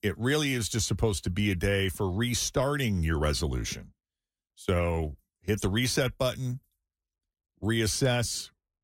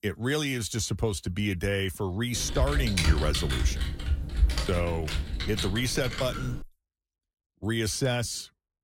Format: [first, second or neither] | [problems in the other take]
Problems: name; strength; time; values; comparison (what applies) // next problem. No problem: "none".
first | keyboard typing; loud; from 2.5 to 6.5 s; peak 4 dB above the speech